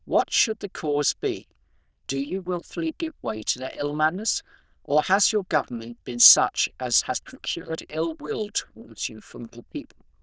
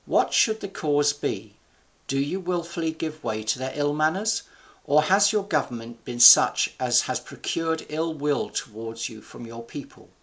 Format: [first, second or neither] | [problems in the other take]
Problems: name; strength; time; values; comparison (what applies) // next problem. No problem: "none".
second | noise reduction (neural diffusion model UNIVERSE++)